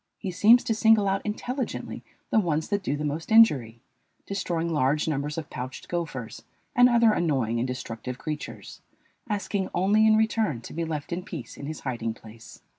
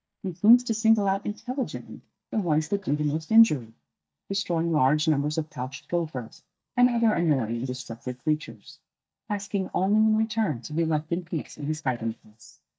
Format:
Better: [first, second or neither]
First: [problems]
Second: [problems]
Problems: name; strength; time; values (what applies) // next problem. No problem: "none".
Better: first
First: none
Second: noise reduction (neural mask model DeepFilterNet 3)